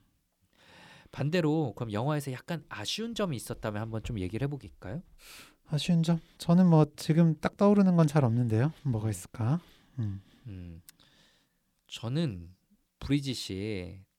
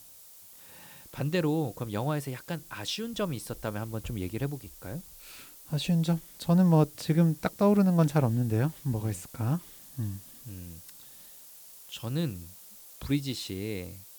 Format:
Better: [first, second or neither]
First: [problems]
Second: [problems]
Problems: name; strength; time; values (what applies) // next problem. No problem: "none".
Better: first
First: none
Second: hiss; noticeable; throughout; 20 dB below the speech